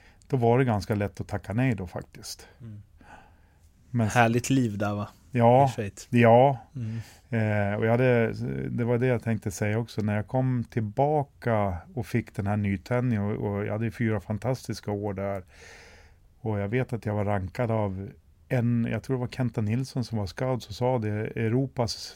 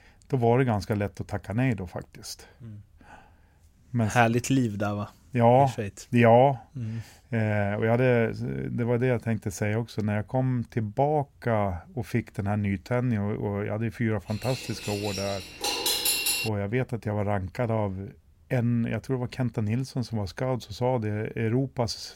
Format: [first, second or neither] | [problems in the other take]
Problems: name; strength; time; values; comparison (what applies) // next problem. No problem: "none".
first | clattering dishes; loud; from 14 to 16 s; peak 4 dB above the speech